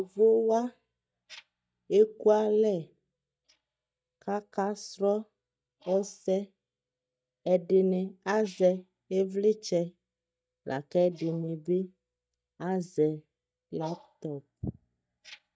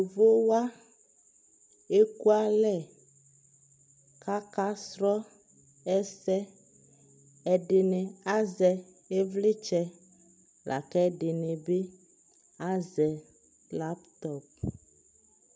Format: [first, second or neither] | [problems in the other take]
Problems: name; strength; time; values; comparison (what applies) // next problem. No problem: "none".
second | noise reduction (neural mask model DeepFilterNet 3)